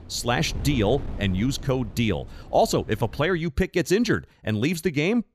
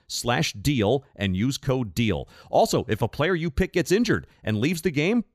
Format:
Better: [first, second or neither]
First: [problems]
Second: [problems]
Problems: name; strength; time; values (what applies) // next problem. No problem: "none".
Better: second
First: wind noise on the microphone; occasional gusts; until 3.5 s; 20 dB below the speech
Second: none